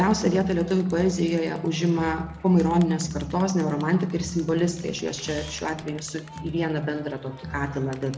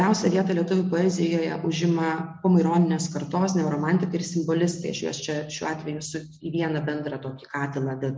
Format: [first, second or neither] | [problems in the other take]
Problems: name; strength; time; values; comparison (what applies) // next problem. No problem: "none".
second | background sound (Crowd + Camera); 16 dB below the speech